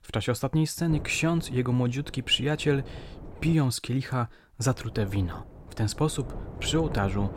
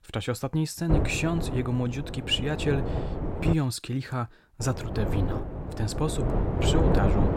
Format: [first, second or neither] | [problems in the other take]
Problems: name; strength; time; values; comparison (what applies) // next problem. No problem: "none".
first | wind noise on the microphone; heavy; from 1 to 3.5 s and from 4.5 s on; 3 dB below the speech; occasional gusts in the first